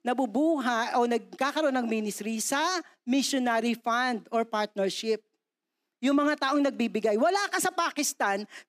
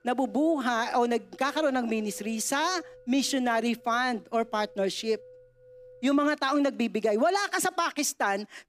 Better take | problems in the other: first | background music; faint; throughout; 25 dB below the speech

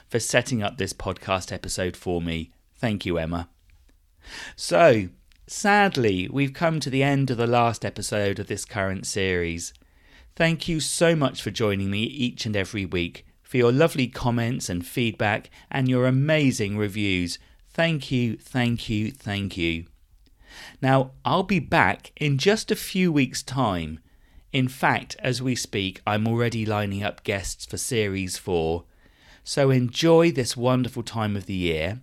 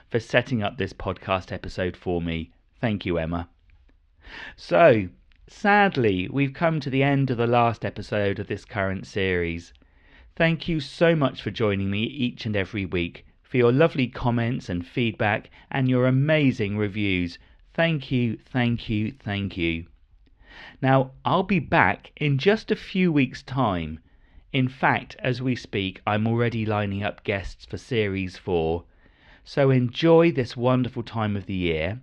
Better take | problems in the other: first | muffled; slightly; fading above 3.5 kHz

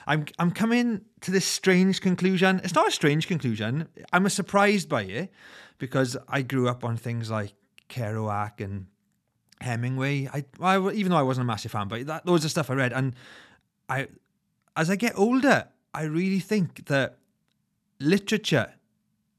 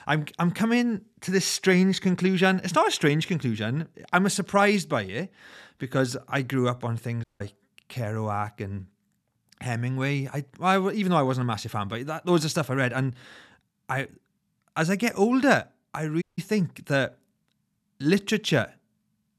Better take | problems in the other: first | audio cutting out; at 7 s and at 16 s

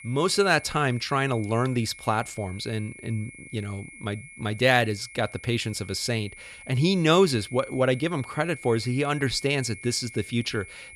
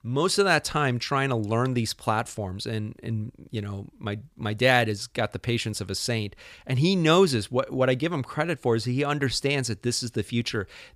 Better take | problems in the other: second | high-pitched whine; noticeable; throughout; 2 kHz, 15 dB below the speech

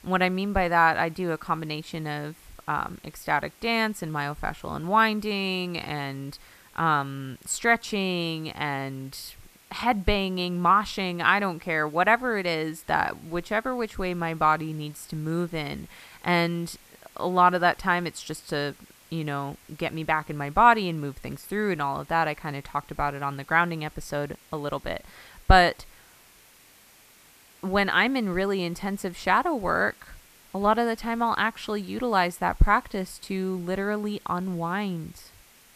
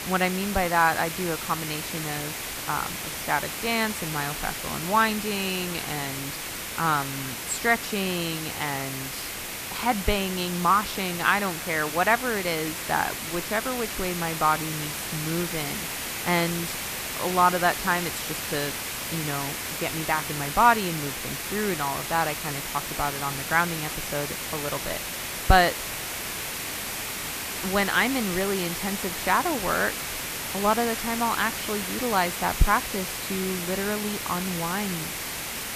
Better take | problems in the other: first | hiss; loud; throughout; 4 dB below the speech; faint in the first

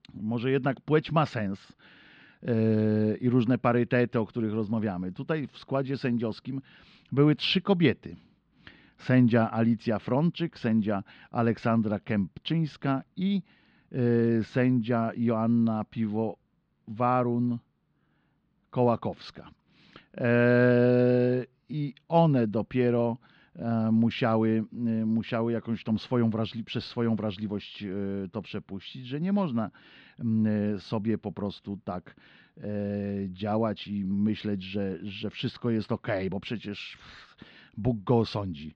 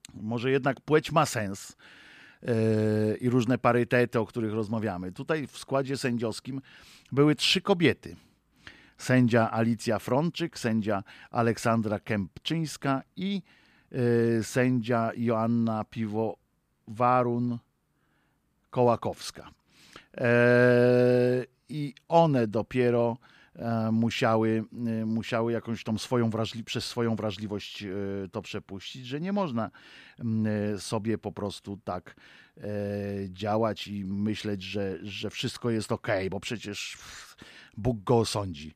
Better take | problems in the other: second | muffled; very slightly; fading above 4 kHz

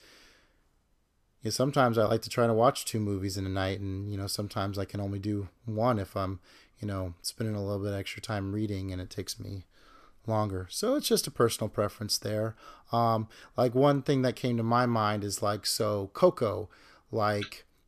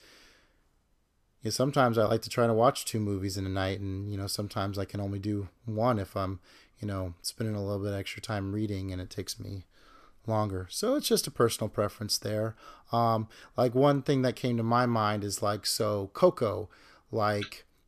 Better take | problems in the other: neither | none

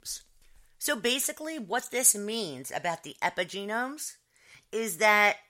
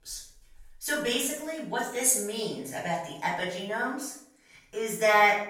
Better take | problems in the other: first | off-mic speech; far // room echo; noticeable; dies away in 0.6 s

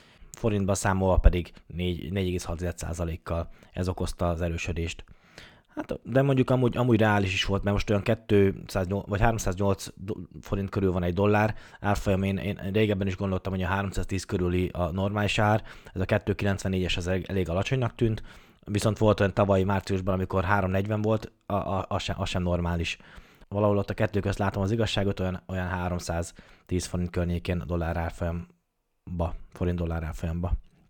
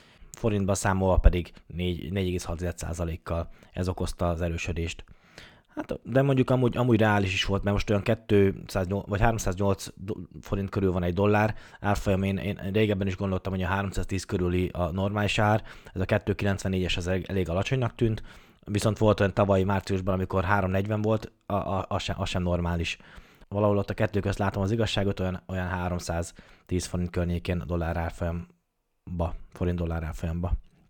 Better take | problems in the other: neither | none

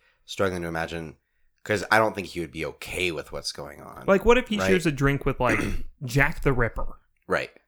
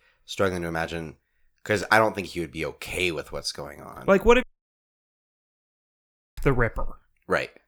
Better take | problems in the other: first | audio cutting out; at 4.5 s for 2 s

